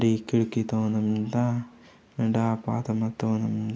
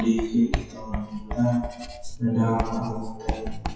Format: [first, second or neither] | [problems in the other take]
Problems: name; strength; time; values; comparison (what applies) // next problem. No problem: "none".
first | noise reduction (classical method WPE with log-MMSE)